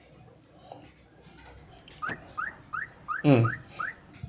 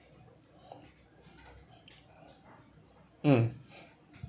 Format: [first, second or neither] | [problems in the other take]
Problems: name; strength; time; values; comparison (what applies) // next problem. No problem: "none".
second | background sound (Alarm / Car); 6 dB below the speech